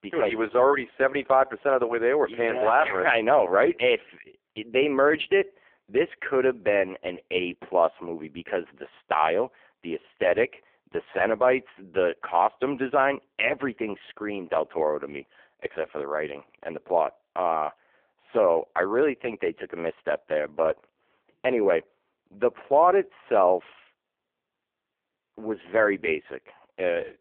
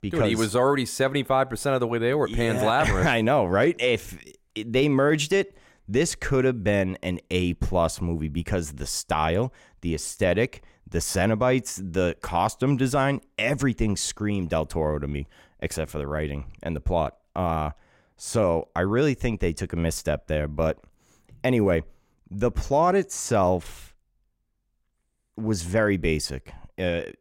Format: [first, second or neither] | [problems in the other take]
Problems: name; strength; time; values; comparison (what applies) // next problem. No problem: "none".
second | phone-call audio; poor line